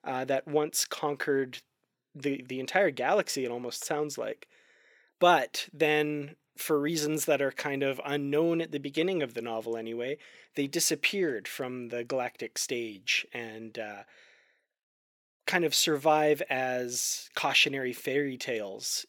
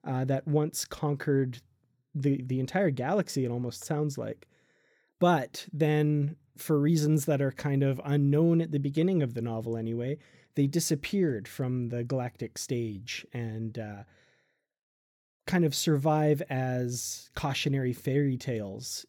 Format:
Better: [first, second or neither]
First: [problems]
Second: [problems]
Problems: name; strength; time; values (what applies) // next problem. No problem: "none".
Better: second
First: thin; somewhat; fading below 450 Hz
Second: none